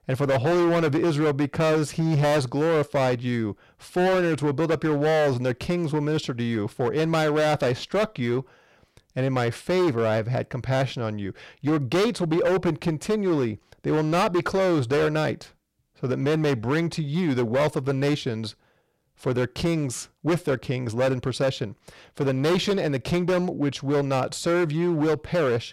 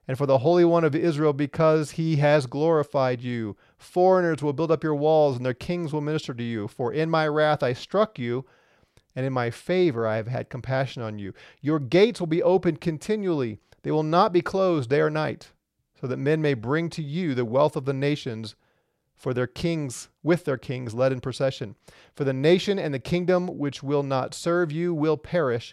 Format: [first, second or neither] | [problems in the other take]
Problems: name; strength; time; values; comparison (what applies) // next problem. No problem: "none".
second | distortion; heavy; 16% of the sound clipped